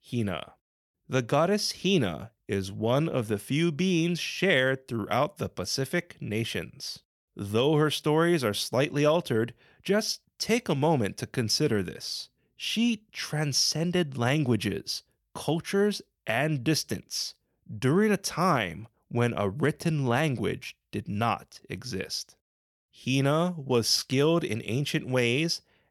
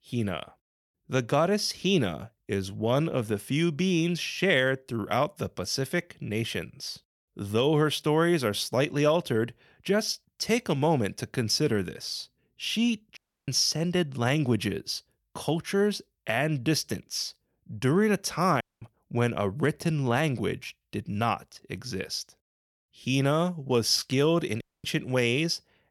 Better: first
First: none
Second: audio cutting out; at 13 s, at 19 s and at 25 s

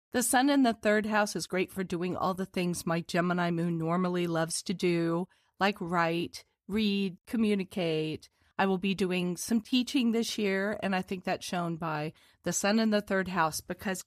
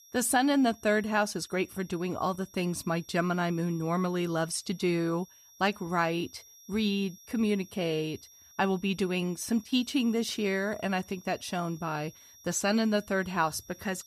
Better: first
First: none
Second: high-pitched whine; faint; throughout; 5.5 kHz, 25 dB below the speech

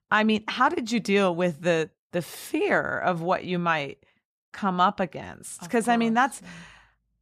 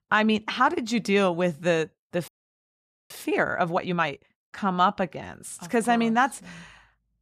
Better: first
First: none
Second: audio freezing; at 2.5 s for 1 s

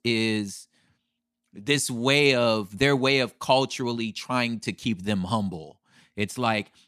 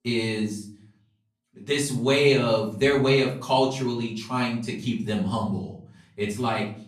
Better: first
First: none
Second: off-mic speech; far // room echo; slight; dies away in 0.6 s

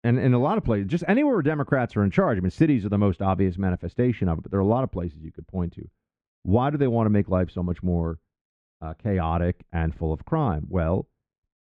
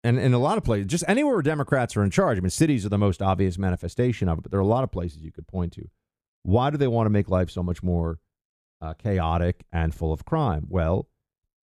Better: second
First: muffled; very; fading above 2 kHz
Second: none

